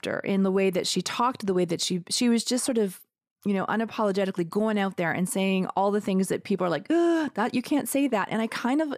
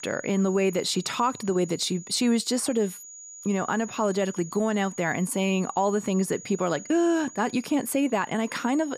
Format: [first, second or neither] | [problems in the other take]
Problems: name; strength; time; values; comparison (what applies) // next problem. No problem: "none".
first | high-pitched whine; noticeable; throughout; 7 kHz, 15 dB below the speech